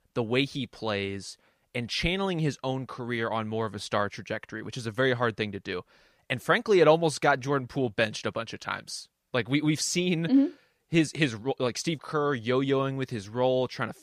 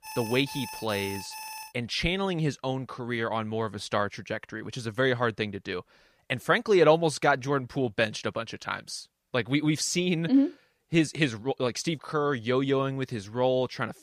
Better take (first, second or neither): first